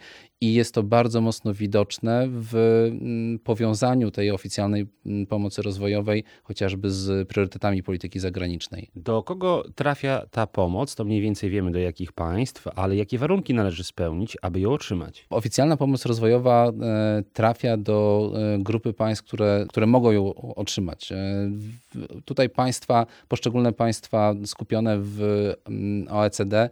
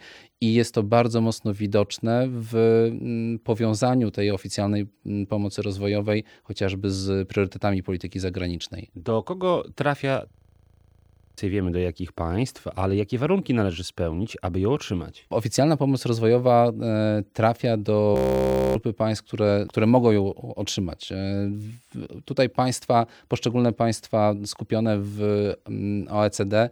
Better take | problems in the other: first | audio freezing; at 10 s for 1 s and at 18 s for 0.5 s

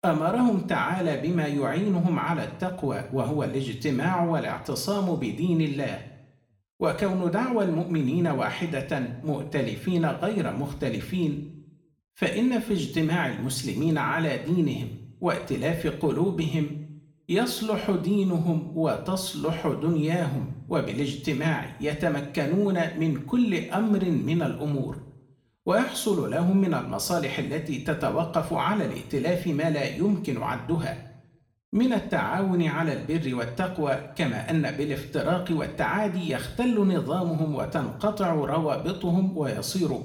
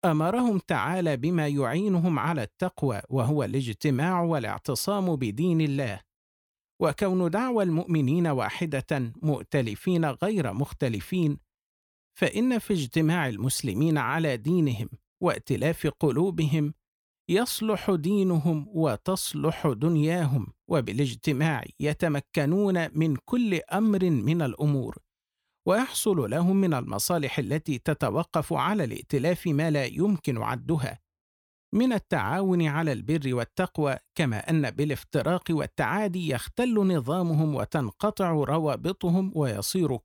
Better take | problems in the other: second | room echo; slight; dies away in 0.7 s // off-mic speech; somewhat distant

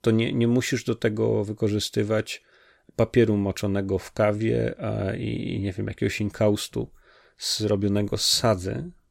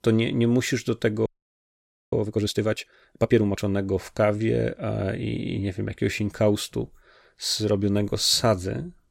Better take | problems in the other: first | audio freezing; at 1.5 s for 1 s

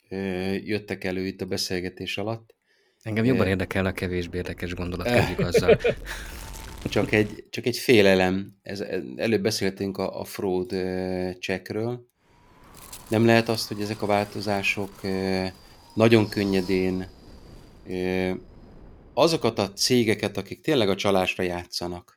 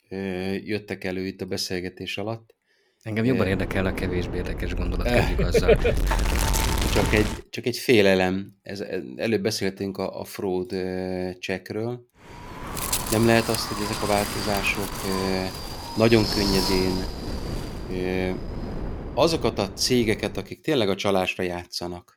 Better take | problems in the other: first | wind noise on the microphone; heavy; from 3.5 to 7.5 s and from 12 to 20 s; 4 dB below the speech; occasional gusts in the first

